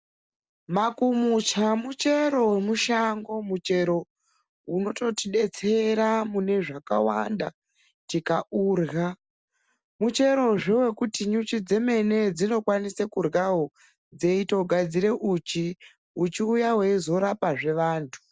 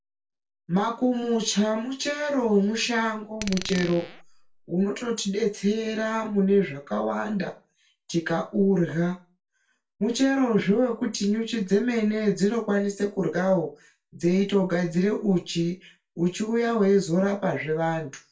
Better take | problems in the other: first | background sound (Glass); 13 dB below the speech // room echo; dies away in 0.2 s

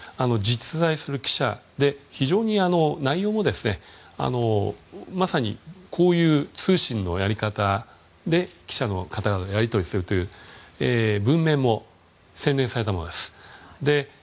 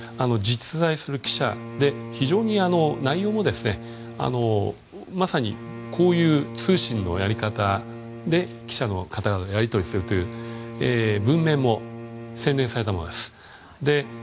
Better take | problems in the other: first | background sound (Bowed string instrument); 13 dB below the speech

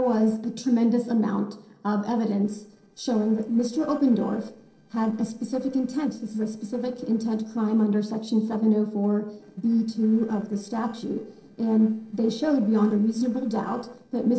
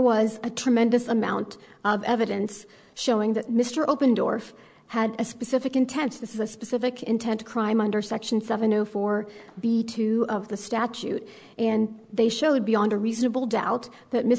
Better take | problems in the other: second | noise reduction (neural separator model SepFormer DNS4)

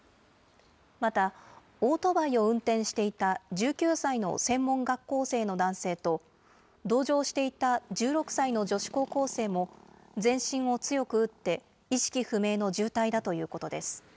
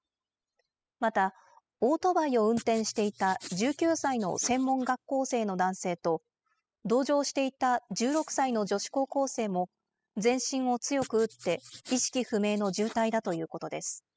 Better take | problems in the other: first | noise reduction (classical method spectral subtraction)

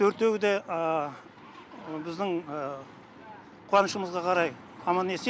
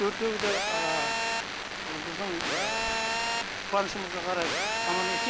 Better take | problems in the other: first | background sound (Telephone); 3 dB above the speech

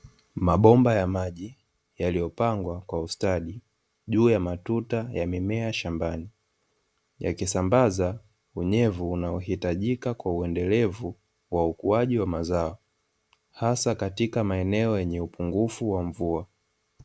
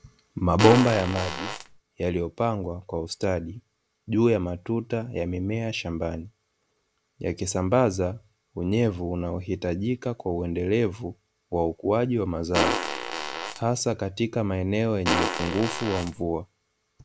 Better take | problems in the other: first | background sound (Fart); 2 dB below the speech

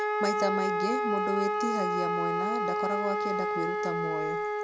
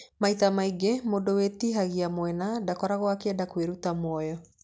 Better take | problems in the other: second | background sound (Wind instrument, woodwind instrument); 5 dB above the speech

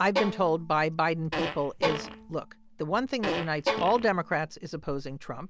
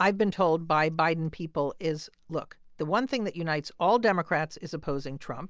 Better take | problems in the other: second | background sound (Bowed string instrument + Fart); 6 dB below the speech

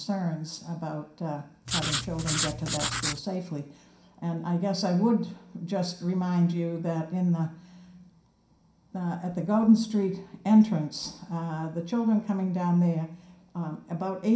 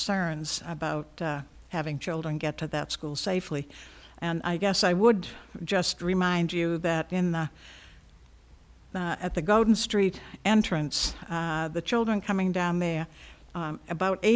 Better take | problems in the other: second | background sound (Writing); 3 dB below the speech // room echo; dies away in 0.5 s

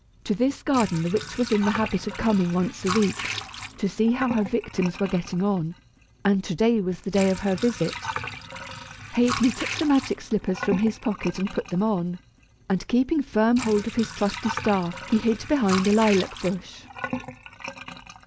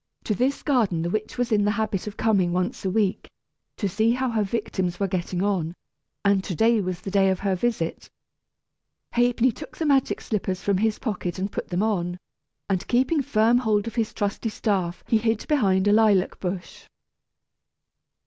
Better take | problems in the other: second | background sound (Sink (filling or washing) / Water); 11 dB below the speech

